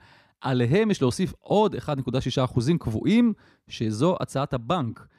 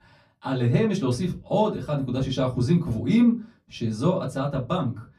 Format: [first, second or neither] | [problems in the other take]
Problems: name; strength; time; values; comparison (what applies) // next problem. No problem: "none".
first | off-mic speech; far // room echo; very slight; dies away in 0.2 s